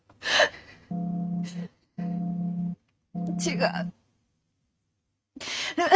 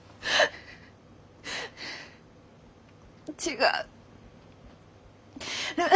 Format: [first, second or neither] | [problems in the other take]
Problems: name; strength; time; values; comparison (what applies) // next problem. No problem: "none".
second | noise reduction (neural mask model RNNoise)